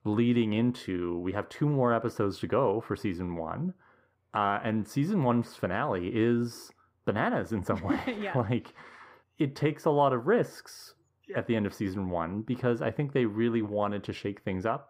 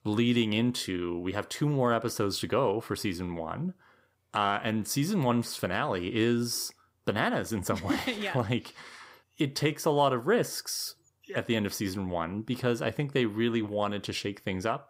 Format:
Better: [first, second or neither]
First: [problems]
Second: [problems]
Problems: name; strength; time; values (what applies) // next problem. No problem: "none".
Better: second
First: muffled; slightly; fading above 2.5 kHz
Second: none